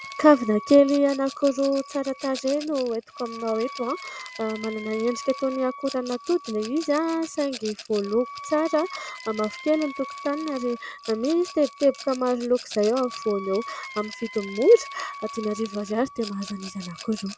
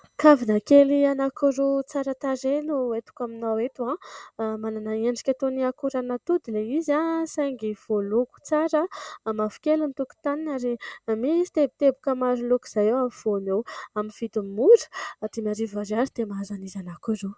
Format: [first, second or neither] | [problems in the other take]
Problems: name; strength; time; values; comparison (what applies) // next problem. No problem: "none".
second | background sound (Wind instrument, woodwind instrument + Rattle); 15 dB below the speech